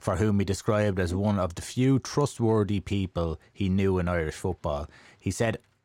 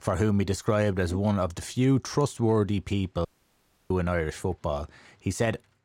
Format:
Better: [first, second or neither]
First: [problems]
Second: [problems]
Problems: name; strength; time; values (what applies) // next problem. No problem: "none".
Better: first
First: none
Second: audio cutting out; at 3.5 s for 0.5 s